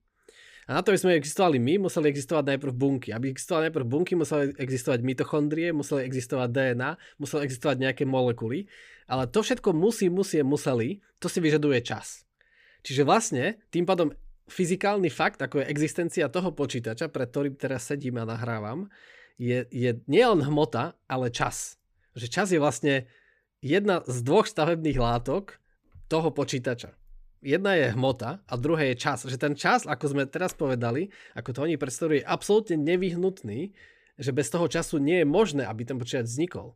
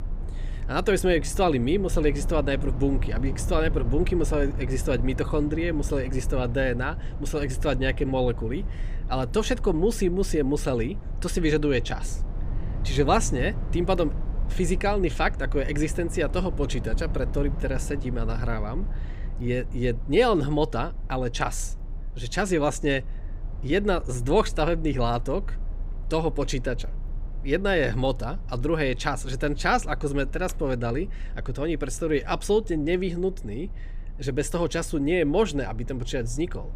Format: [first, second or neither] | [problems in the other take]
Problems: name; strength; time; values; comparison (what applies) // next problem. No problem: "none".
first | low rumble; noticeable; throughout; 20 dB below the speech